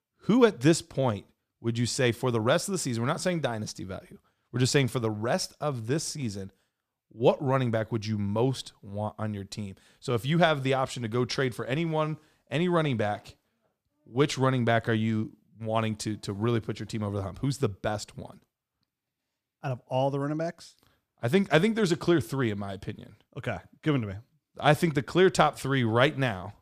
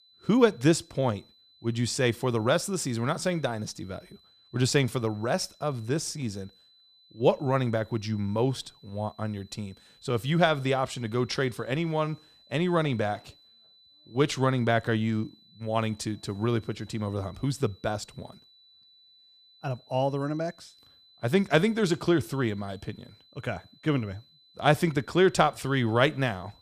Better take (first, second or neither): first